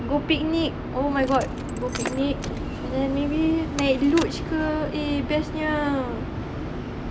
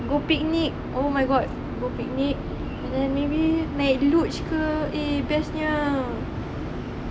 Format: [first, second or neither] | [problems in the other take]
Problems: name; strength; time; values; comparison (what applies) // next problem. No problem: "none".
second | background sound (Car); 14 dB below the speech